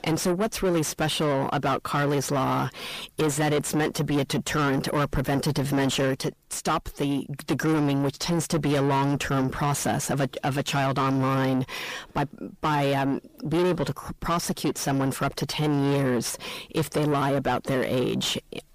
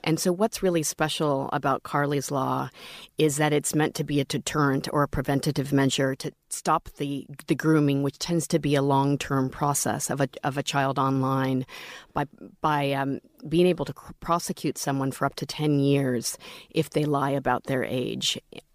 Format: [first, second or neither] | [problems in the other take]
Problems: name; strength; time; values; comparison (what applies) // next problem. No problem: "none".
second | distortion; heavy; 7 dB below the speech